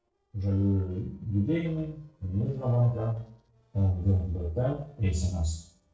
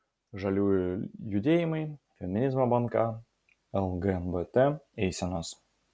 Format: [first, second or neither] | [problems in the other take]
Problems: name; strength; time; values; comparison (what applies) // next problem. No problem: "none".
second | noise reduction (neural separator model SepFormer DNS4)